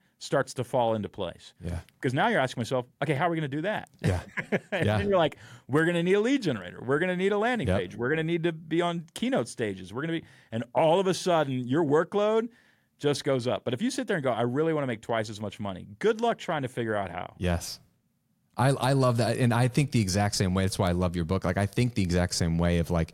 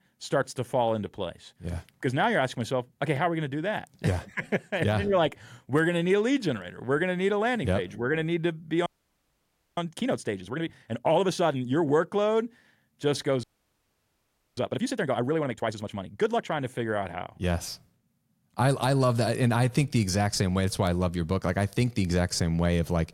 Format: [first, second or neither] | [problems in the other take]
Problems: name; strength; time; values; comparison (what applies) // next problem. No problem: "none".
first | audio freezing; at 9 s for 1 s and at 13 s for 1 s